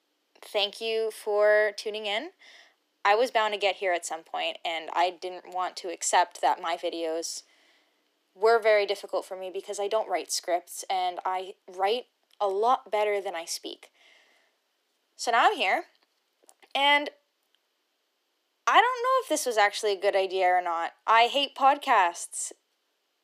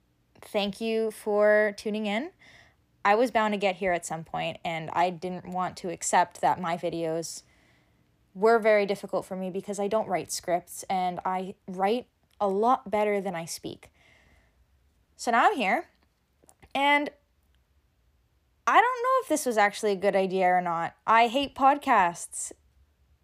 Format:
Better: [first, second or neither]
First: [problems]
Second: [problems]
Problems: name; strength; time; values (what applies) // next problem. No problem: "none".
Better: second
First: thin; somewhat; fading below 300 Hz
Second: none